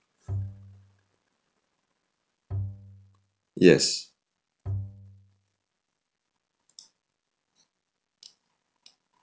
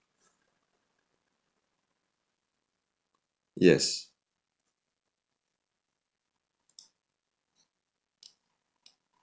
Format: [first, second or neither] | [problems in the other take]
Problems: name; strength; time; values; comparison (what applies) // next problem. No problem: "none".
second | background sound (Bowed string instrument); 6 dB below the speech